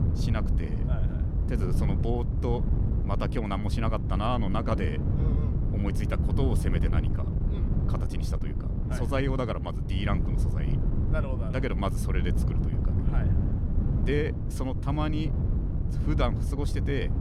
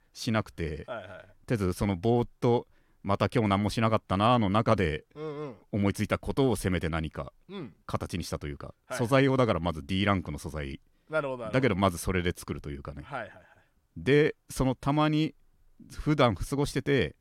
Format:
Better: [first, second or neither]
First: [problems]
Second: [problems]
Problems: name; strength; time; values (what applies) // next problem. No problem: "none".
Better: second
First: wind noise on the microphone; heavy; 6 dB below the speech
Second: none